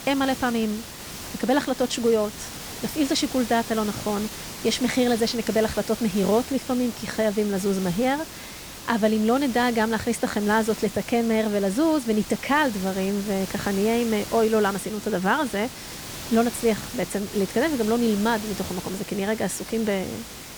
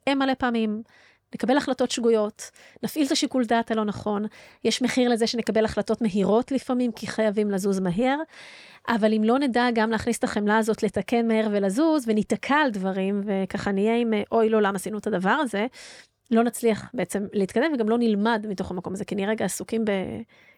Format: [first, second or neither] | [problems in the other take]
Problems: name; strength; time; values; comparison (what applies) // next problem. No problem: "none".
second | hiss; noticeable; throughout; 10 dB below the speech